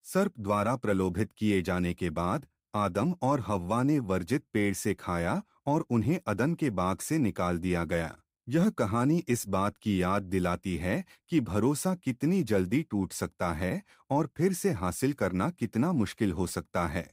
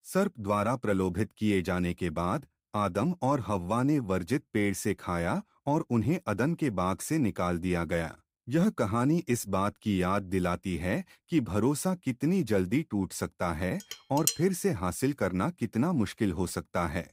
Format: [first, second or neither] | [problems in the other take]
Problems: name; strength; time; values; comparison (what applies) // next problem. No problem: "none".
first | clattering dishes; loud; at 14 s; peak level with the speech